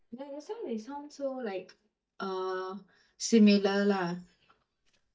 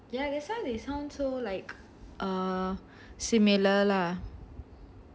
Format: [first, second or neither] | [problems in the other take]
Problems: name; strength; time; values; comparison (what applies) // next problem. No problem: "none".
second | noise reduction (neural mask model DeepFilterNet 3)